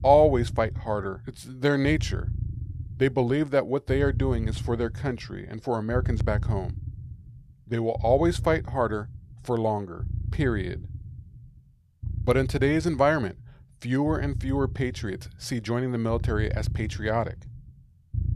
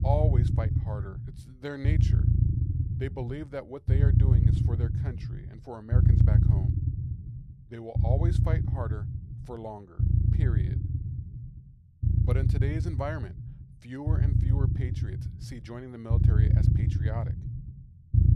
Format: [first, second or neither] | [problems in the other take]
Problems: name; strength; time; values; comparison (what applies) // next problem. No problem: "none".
first | low rumble; loud; throughout; as loud as the speech; faint in the first